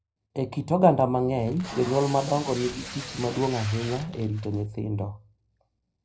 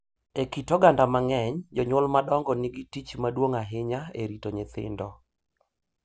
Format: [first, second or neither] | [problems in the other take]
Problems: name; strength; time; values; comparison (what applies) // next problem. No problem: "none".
second | background sound (Packing tape, duct tape); 12 dB below the speech // room echo; dies away in 0.3 s